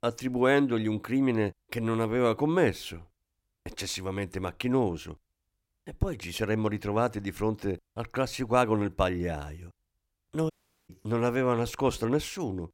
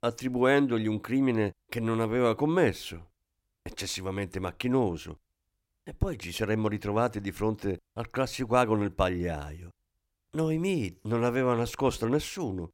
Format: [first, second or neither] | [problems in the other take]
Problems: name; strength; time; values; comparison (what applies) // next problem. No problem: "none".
second | audio cutting out; at 11 s